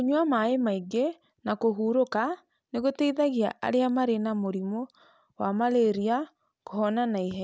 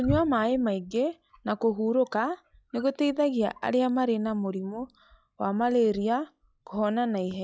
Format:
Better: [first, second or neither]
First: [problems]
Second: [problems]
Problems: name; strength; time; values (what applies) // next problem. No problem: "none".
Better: first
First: none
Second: noise reduction (classical method log-MMSE)